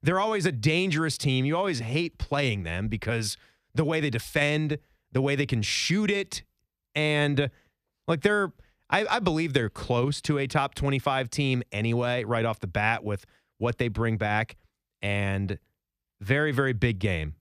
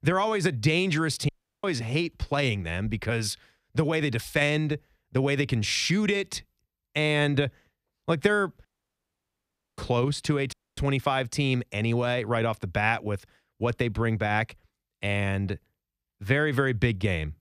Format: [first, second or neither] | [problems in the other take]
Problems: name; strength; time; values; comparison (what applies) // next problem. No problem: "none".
first | audio cutting out; at 1.5 s, at 8.5 s for 1 s and at 11 s